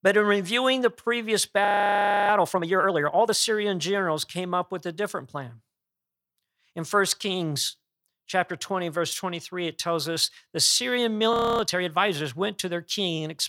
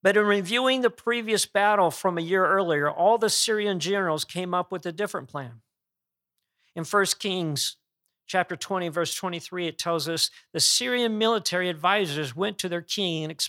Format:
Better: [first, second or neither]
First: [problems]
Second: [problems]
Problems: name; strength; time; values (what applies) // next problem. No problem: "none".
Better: second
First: audio freezing; at 1.5 s for 0.5 s and at 11 s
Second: none